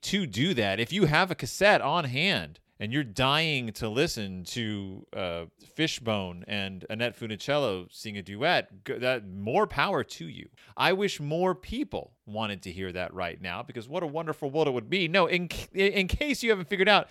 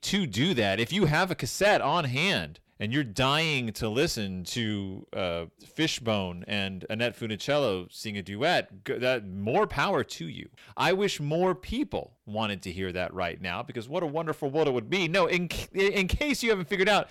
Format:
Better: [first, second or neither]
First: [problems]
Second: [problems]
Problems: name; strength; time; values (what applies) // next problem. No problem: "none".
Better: first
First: none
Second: distortion; slight; 10 dB below the speech